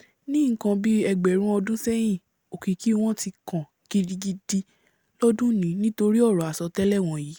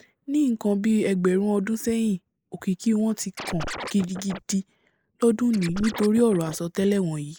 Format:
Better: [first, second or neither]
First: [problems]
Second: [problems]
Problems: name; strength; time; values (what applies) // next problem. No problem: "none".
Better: first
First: none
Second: noise reduction (neural mask model Resemble Enhance denoiser)